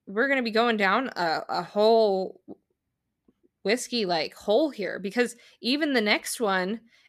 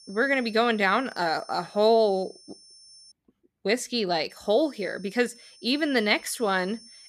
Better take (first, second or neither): first